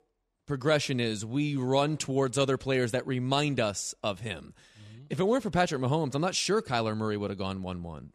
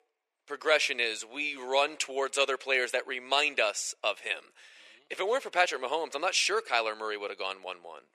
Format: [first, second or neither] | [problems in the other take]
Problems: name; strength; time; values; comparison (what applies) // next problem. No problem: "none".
first | thin; very; fading below 450 Hz